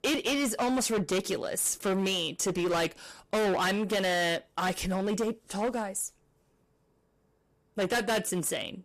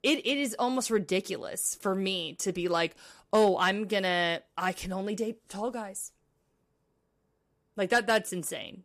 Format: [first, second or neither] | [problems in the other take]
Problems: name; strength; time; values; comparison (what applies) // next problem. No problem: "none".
second | distortion; heavy; 18% of the sound clipped